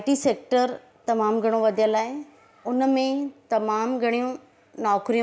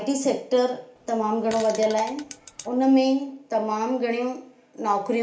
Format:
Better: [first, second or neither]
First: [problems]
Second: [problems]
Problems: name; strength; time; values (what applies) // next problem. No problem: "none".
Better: first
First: none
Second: background sound (Fart); 18 dB below the speech // room echo; dies away in 0.4 s